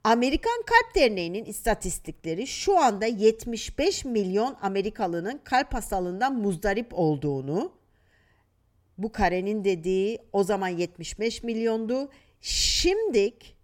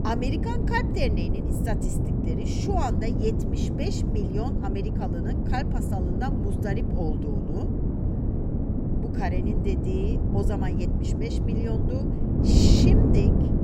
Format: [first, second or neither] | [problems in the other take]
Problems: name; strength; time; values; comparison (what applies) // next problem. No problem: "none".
first | wind noise on the microphone; heavy; as loud as the speech